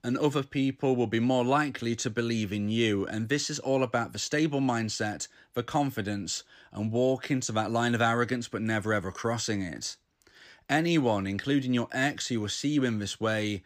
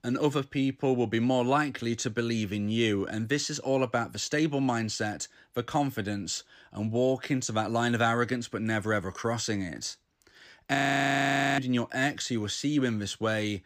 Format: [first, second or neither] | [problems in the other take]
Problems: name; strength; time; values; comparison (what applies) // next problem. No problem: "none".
first | audio freezing; at 11 s for 1 s